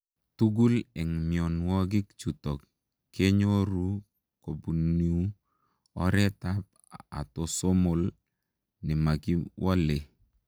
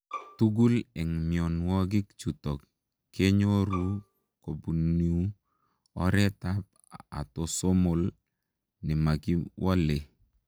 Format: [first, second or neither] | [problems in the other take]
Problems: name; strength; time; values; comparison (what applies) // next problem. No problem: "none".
first | background sound (Bowed string instrument); 15 dB below the speech